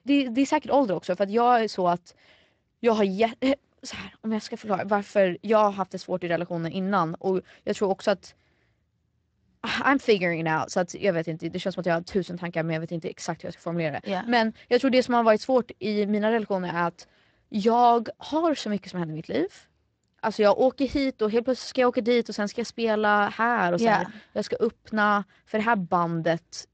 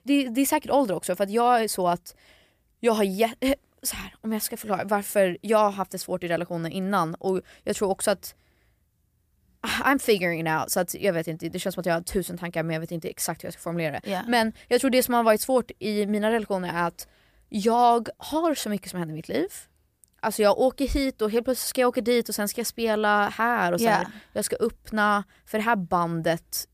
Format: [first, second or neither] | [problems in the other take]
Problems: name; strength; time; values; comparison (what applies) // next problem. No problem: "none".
second | garbled, watery; slightly; nothing above 8 kHz